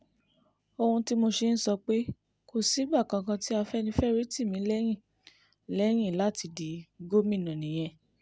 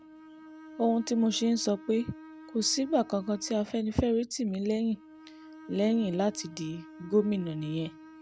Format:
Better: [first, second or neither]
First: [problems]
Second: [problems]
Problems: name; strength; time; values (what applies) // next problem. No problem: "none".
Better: first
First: none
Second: background sound (Bowed string instrument); 19 dB below the speech